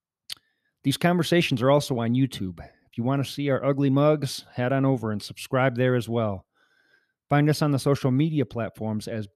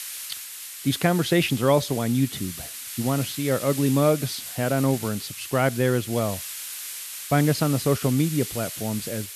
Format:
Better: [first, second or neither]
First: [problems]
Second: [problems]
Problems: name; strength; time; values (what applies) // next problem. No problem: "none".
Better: first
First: none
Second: hiss; loud; throughout; 9 dB below the speech